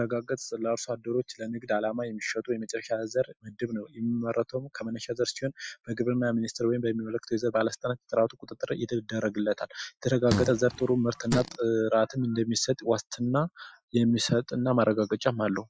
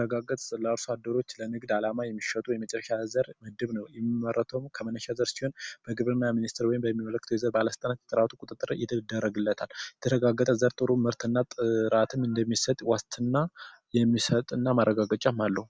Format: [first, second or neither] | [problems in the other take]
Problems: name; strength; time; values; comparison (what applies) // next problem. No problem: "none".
second | noise reduction (classical method Wiener filter)